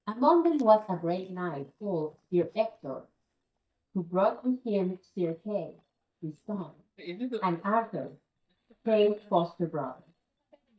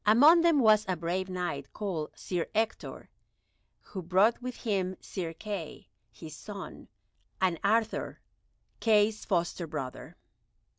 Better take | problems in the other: second | noise reduction (neural mask model DeepFilterNet 3)

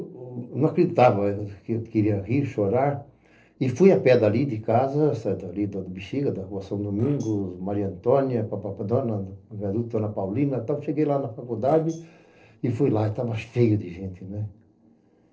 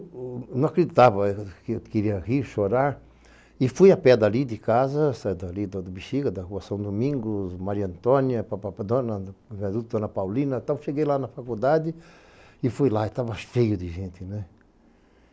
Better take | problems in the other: second | noise reduction (neural separator model SepFormer DNS4)

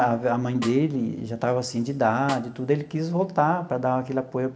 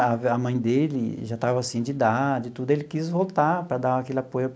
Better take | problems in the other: second | background sound (Snare drum); 19 dB below the speech // room echo; dies away in 1.6 s

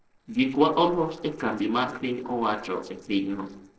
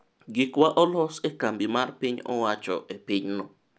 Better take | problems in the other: second | noise reduction (neural separator model SepFormer DNS4)

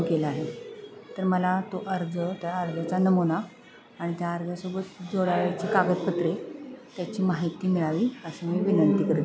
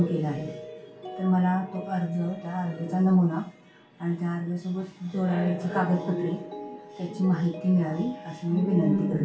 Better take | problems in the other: first | background sound (Mallet percussion); 17 dB below the speech // room echo; dies away in 0.2 s

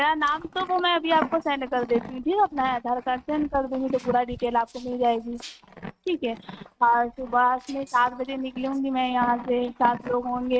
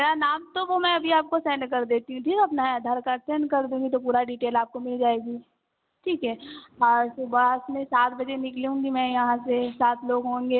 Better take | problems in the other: second | noise reduction (neural mask model RNNoise)

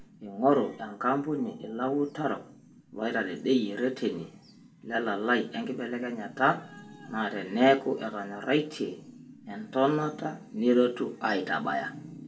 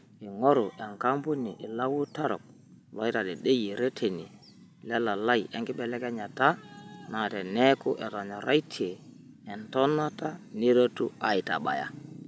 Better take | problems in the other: second | room echo; dies away in 0.3 s

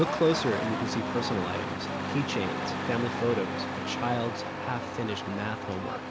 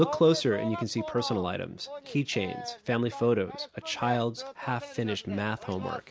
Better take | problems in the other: second | background sound (Engine starting); 2 dB below the speech

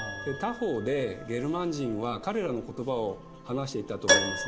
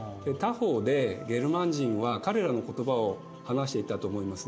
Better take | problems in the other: second | background sound (Keyboard (musical)); 2 dB below the speech

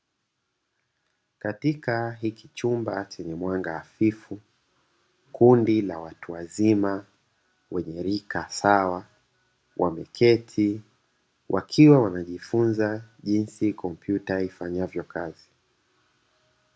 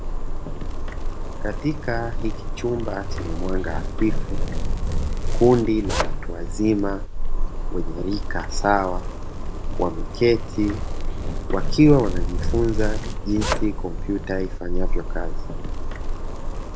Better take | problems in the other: first | background sound (Zipper (clothing)); 2 dB above the speech

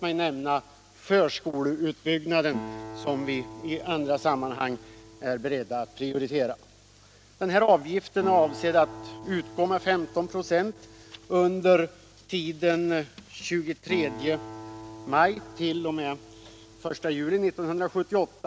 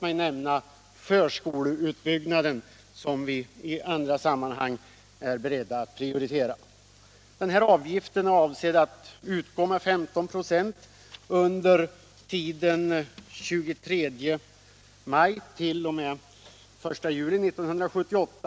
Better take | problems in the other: second | background sound (Acoustic guitar); 17 dB below the speech

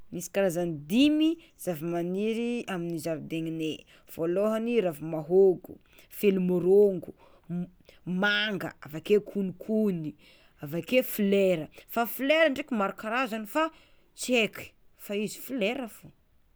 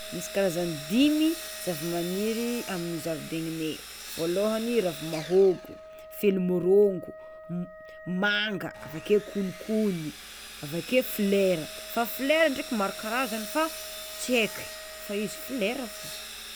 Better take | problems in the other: first | background sound (Wind instrument, woodwind instrument + Sawing); 13 dB below the speech

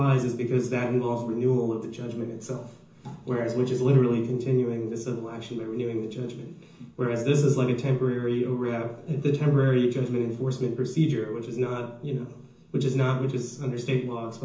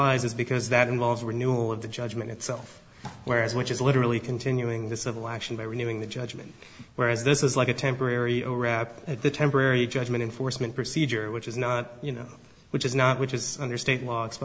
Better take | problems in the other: second | room echo; dies away in 0.6 s

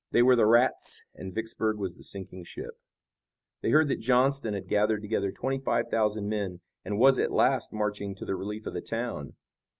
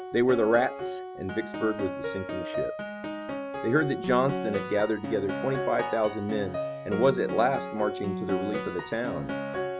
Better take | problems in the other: first | background sound (Piano); 5 dB below the speech

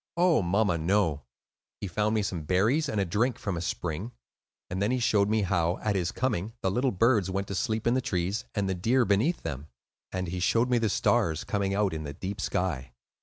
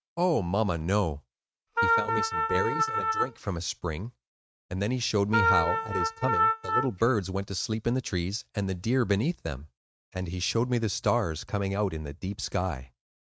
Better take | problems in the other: first | noise reduction (neural mask model RNNoise)

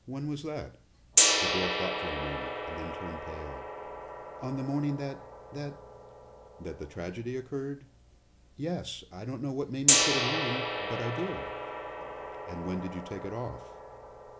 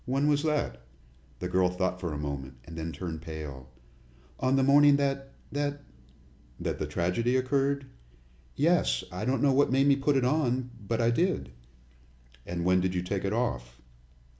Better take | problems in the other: second | background sound (Gong); 4 dB above the speech

